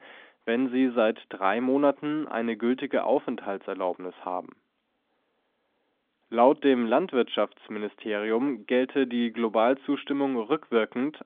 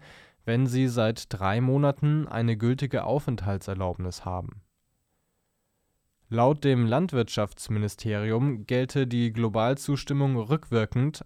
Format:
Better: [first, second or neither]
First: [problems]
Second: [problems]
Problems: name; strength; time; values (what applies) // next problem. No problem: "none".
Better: second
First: phone-call audio; nothing above 3.5 kHz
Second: none